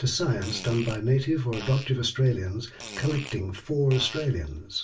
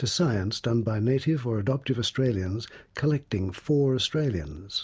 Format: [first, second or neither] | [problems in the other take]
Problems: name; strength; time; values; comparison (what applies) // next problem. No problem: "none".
second | background sound (Fart); 16 dB below the speech // room echo; dies away in 0.2 s